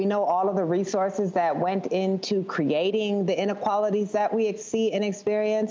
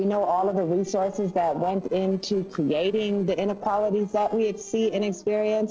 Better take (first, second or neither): first